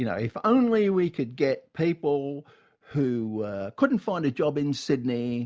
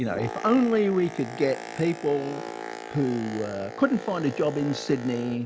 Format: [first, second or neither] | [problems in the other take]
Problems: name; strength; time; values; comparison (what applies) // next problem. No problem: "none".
first | background sound (Boat, Water vehicle); 11 dB below the speech